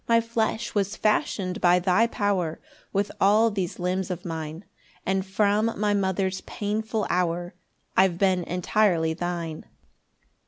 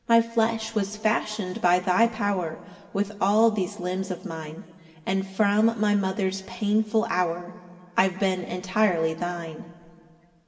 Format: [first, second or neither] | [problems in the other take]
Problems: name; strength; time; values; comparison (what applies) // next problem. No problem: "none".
first | room echo; dies away in 1.7 s